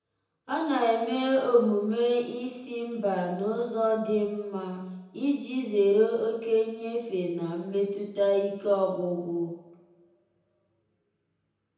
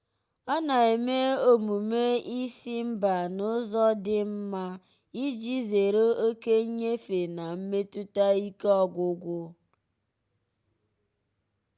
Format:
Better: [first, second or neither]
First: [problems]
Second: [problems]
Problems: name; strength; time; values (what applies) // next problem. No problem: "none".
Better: second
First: room echo; dies away in 0.9 s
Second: none